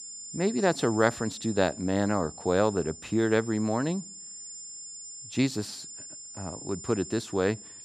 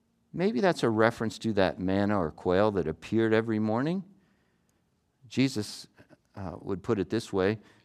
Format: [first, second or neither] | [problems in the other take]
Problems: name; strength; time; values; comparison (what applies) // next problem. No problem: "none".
second | high-pitched whine; noticeable; throughout; 7 kHz, 15 dB below the speech